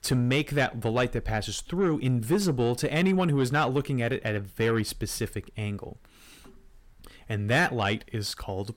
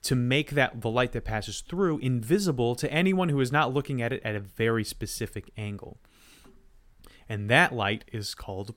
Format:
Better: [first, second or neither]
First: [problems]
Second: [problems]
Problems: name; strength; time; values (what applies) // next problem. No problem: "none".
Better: second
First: distortion; slight; 10 dB below the speech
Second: none